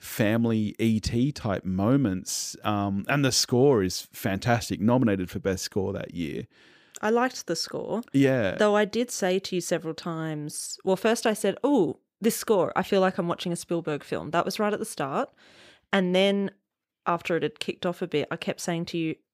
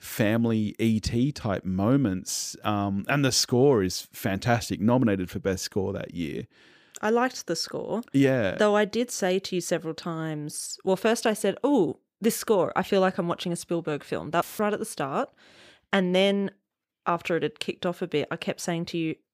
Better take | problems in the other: first | audio cutting out; filled with static; at 14 s

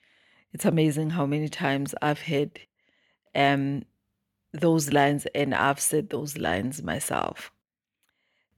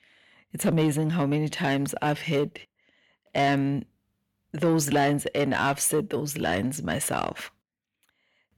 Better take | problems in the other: first | distortion; slight; 10 dB below the speech

